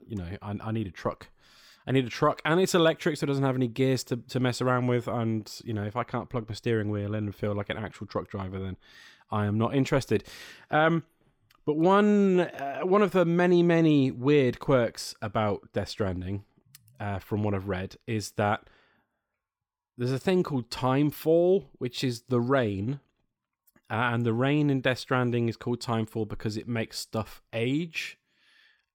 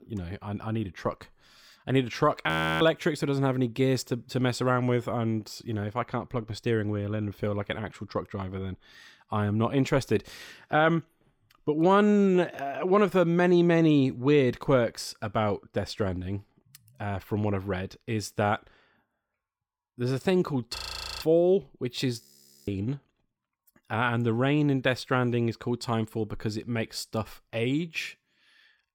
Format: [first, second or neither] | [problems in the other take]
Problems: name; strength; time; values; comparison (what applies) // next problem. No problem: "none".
first | audio freezing; at 2.5 s, at 21 s and at 22 s